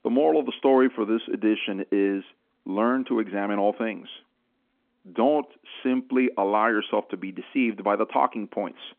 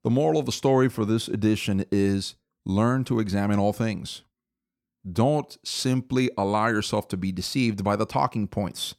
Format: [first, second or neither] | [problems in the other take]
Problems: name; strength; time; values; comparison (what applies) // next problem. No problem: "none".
second | phone-call audio; nothing above 3.5 kHz